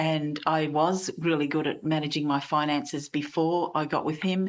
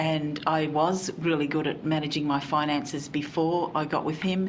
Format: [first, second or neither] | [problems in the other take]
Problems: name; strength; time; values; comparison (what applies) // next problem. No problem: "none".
second | noise reduction (neural mask model Resemble Enhance denoiser)